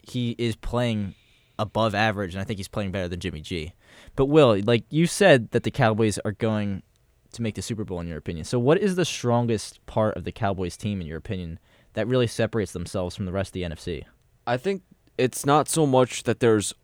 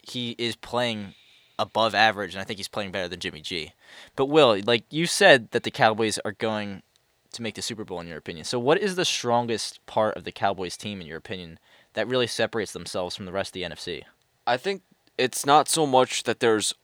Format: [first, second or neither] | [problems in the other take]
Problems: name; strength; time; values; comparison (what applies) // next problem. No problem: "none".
first | thin; somewhat; fading below 850 Hz